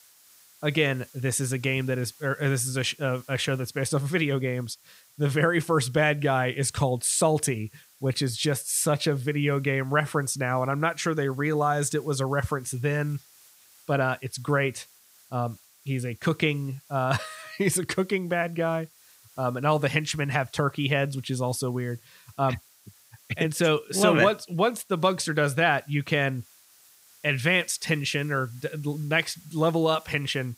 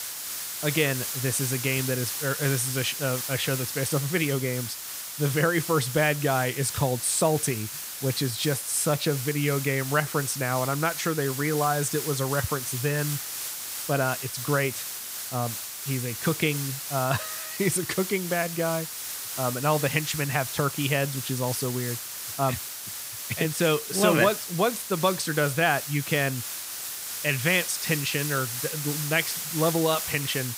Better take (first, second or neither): first